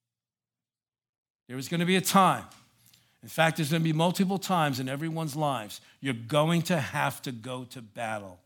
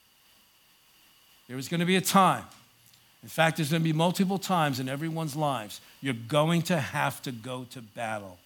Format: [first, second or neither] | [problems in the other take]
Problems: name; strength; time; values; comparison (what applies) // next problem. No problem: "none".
first | hiss; faint; throughout; 30 dB below the speech